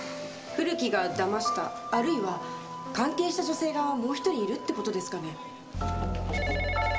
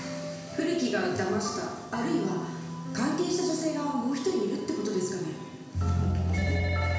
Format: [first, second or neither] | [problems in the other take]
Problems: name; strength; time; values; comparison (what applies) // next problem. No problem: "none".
first | room echo; dies away in 1.1 s